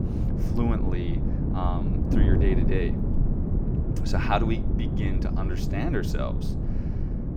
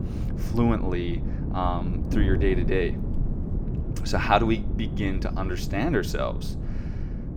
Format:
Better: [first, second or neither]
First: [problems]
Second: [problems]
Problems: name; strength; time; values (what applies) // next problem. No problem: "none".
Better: second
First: wind noise on the microphone; heavy; 4 dB below the speech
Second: wind noise on the microphone; occasional gusts; 10 dB below the speech